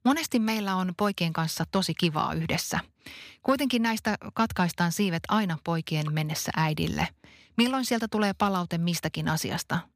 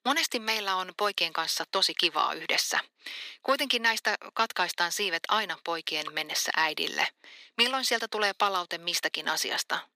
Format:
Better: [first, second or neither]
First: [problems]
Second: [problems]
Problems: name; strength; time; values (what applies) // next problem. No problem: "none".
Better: first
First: none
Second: thin; very; fading below 350 Hz